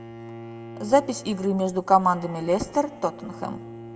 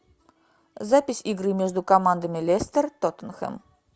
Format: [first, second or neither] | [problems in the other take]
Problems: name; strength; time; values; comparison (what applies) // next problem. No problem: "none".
second | background sound (Bowed string instrument); 16 dB below the speech // room echo; dies away in 1.3 s